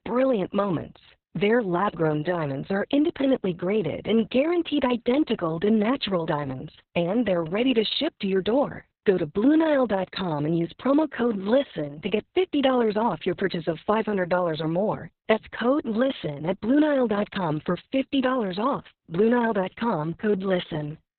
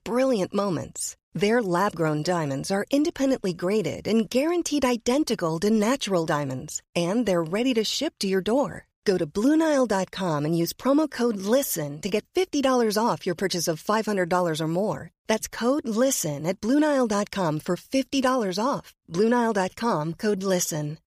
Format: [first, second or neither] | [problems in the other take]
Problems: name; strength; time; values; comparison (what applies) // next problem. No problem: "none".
second | garbled, watery; badly; nothing above 4 kHz